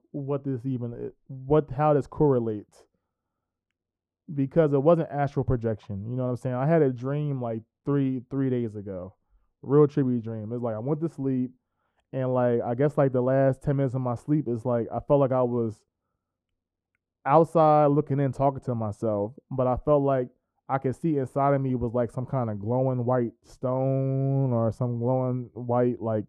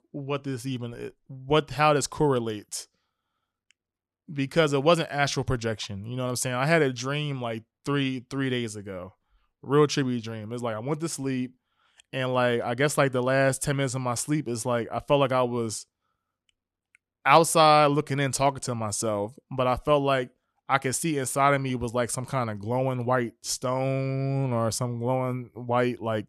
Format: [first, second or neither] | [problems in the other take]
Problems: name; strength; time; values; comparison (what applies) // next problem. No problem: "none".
second | muffled; very; fading above 1.5 kHz